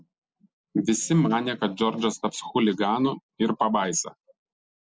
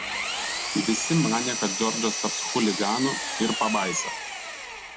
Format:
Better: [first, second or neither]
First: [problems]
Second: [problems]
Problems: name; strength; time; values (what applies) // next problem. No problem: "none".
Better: first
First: none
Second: background sound (Engine); 3 dB below the speech